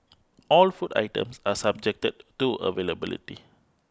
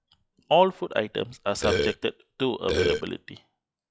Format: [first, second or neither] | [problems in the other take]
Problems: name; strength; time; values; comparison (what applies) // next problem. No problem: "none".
first | noise reduction (classical method log-MMSE)